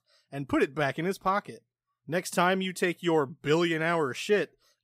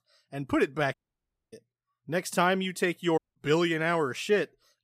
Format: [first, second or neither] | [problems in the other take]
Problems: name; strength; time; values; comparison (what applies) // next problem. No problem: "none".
first | audio cutting out; at 1 s for 0.5 s and at 3 s